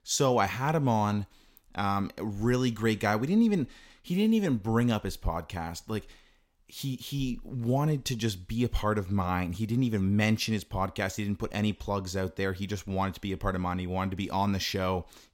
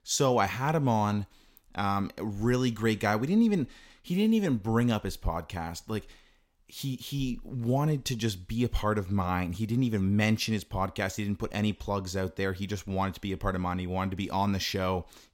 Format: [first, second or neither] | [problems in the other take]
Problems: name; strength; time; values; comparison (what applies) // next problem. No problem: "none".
neither | none